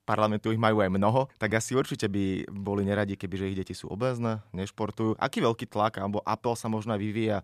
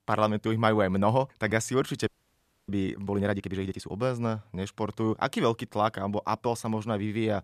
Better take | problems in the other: first | audio freezing; at 2 s for 0.5 s

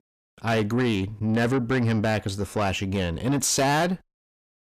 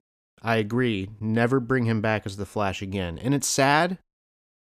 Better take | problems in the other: second | distortion; heavy; 8 dB below the speech

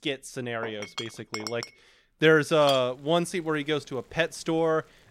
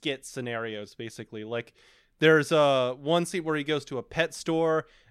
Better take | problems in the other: second | household noises; noticeable; throughout; 10 dB below the speech

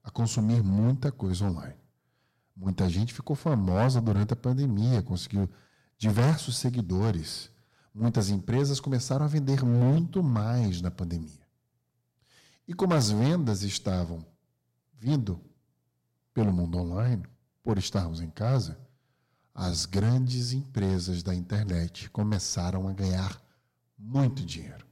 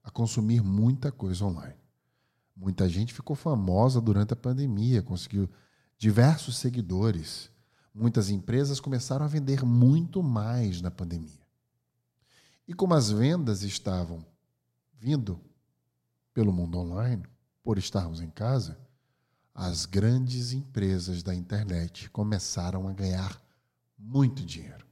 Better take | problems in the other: second | distortion; slight; 5% of the sound clipped

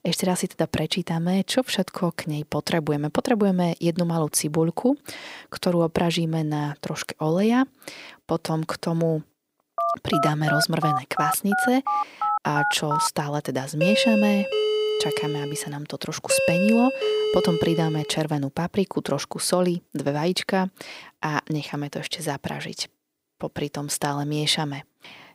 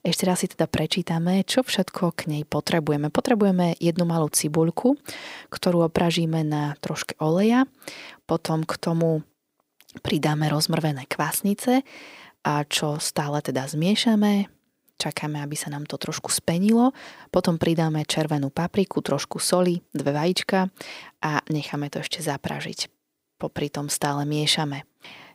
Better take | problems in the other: second | phone ringing; loud; from 10 to 13 s; peak level with the speech // doorbell; loud; from 14 to 18 s; peak 3 dB above the speech

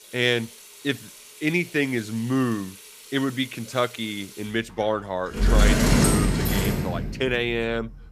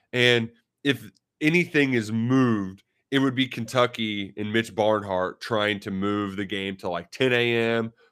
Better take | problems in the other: second | household noises; very loud; throughout; 4 dB above the speech

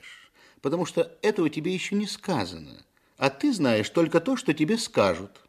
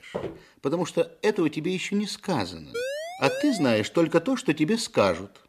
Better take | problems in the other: first | footsteps; faint; at the start; peak 10 dB below the speech // siren; noticeable; at 2.5 s; peak 6 dB below the speech

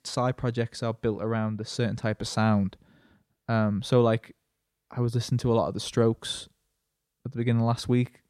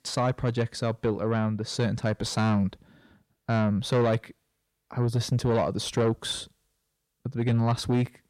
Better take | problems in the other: first | distortion; slight; 10 dB below the speech

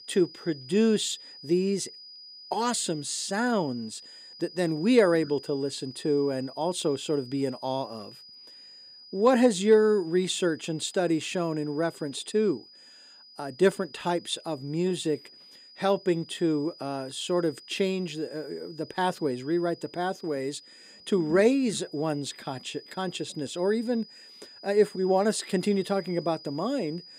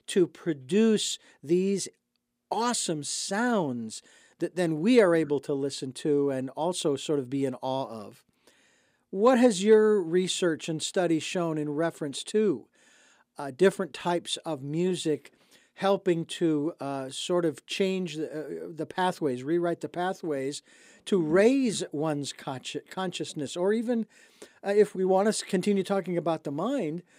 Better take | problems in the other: second | high-pitched whine; noticeable; throughout; 5 kHz, 20 dB below the speech

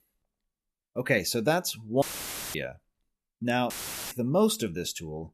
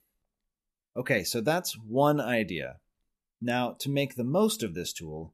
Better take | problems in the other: second | audio cutting out; filled with static; at 2 s for 0.5 s and at 3.5 s

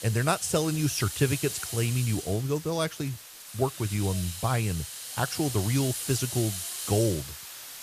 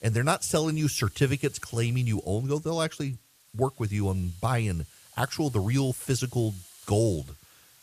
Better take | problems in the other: second | hiss; loud; throughout; 7 dB below the speech; faint in the second

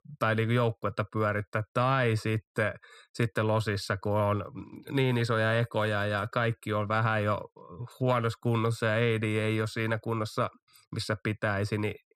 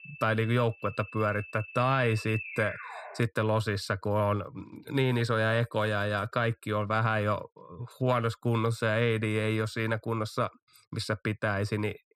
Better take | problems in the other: first | alarm; noticeable; until 3 s; peak 8 dB below the speech

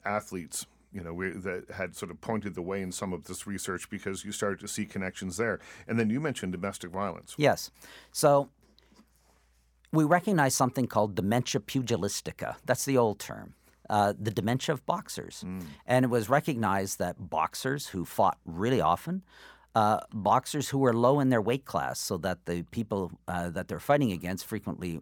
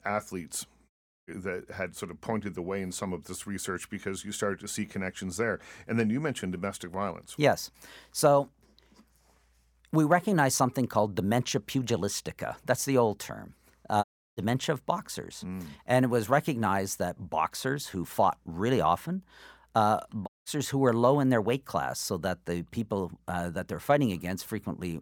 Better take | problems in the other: first | audio cutting out; at 1 s, at 14 s and at 20 s

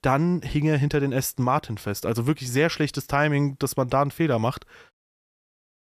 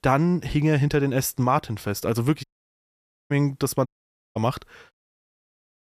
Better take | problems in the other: first | audio cutting out; at 2.5 s for 1 s and at 4 s

